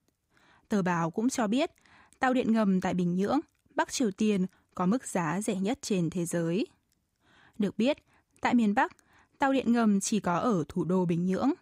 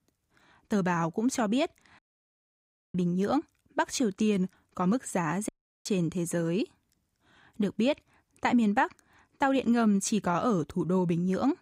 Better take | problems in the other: first | audio cutting out; at 2 s for 1 s and at 5.5 s

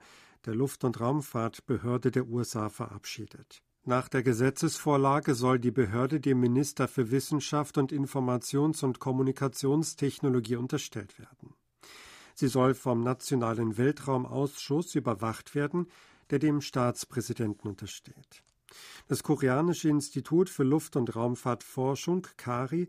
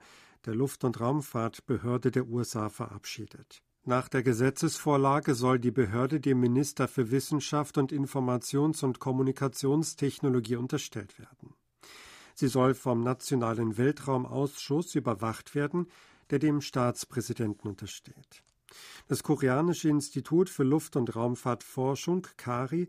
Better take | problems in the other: neither | none

